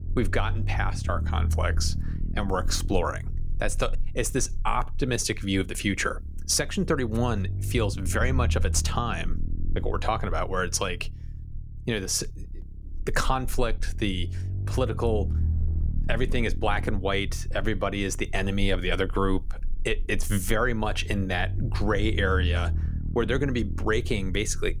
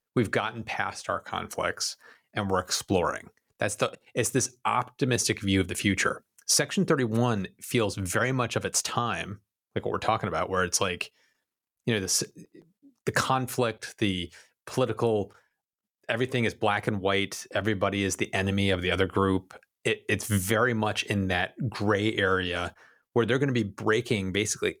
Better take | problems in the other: second | low rumble; noticeable; throughout; 20 dB below the speech

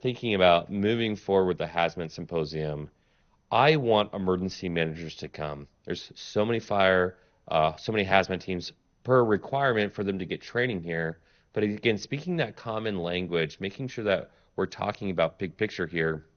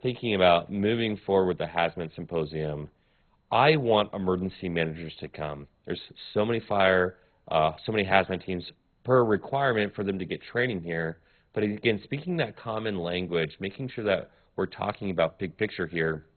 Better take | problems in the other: first | garbled, watery; badly; nothing above 4 kHz; slightly in the first

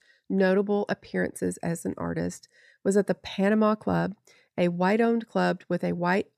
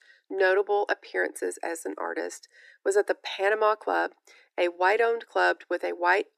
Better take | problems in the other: first | thin; very; fading below 300 Hz

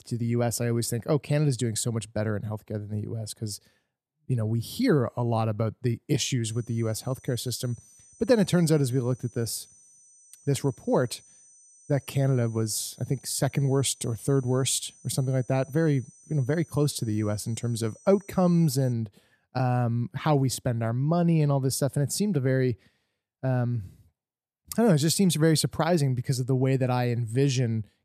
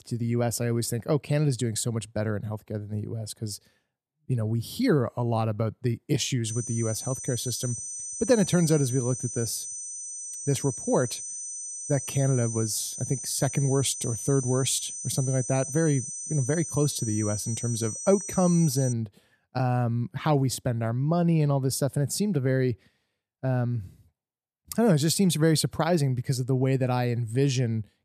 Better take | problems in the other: first | high-pitched whine; loud; from 6.5 to 19 s; 6 kHz, 7 dB below the speech; faint in the first

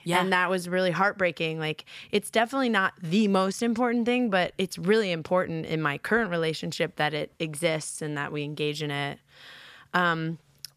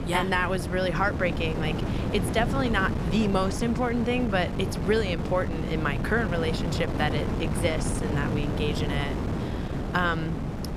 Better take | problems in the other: first | wind noise on the microphone; heavy; 7 dB below the speech

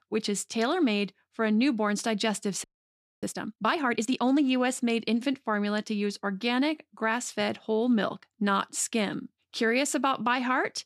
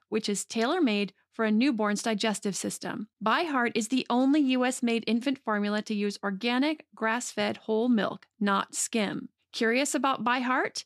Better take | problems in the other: second | audio freezing; at 2.5 s for 0.5 s

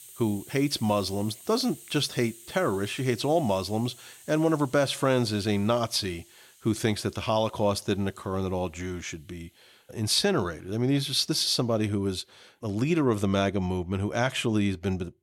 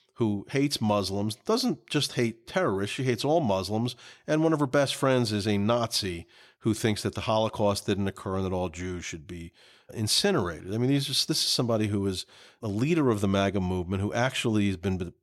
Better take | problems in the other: second | hiss; faint; throughout; 20 dB below the speech

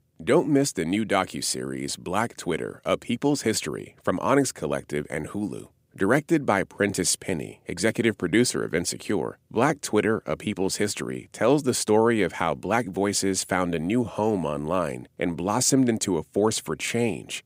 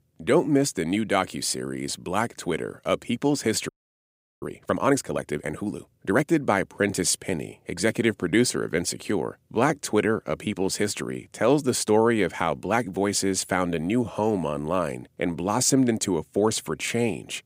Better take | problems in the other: first | audio freezing; at 3.5 s for 0.5 s

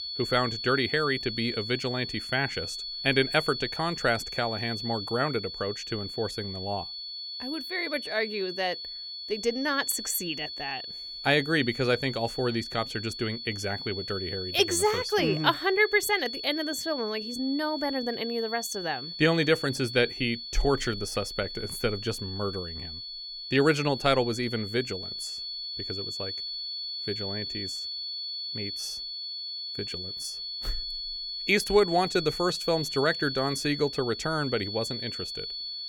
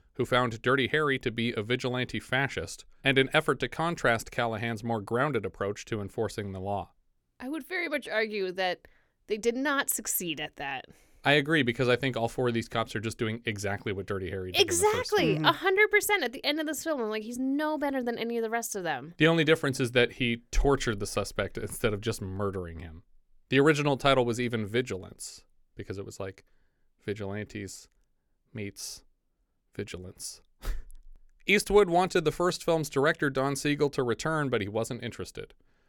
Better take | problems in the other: second | high-pitched whine; loud; throughout; 4.5 kHz, 6 dB below the speech

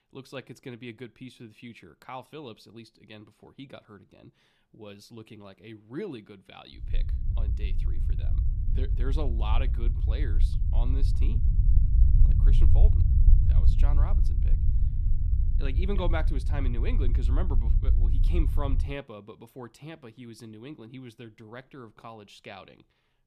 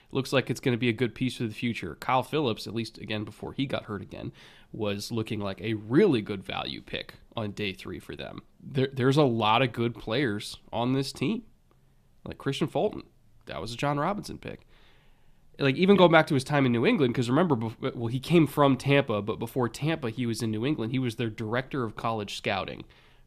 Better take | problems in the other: second | low rumble; loud; from 7 to 19 s; 4 dB below the speech

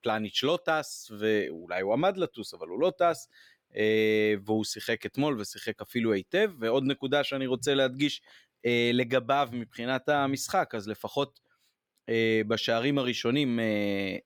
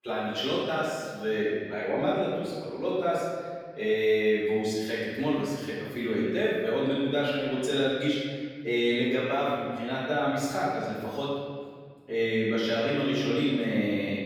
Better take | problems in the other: first | off-mic speech; far // room echo; strong; dies away in 1.8 s

